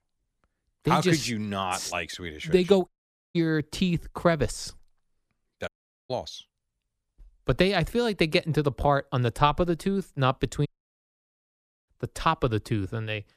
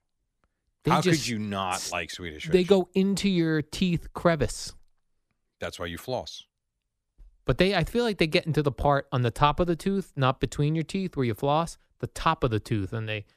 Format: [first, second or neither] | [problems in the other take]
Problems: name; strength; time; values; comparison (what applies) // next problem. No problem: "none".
second | audio cutting out; at 3 s, at 5.5 s and at 11 s for 1 s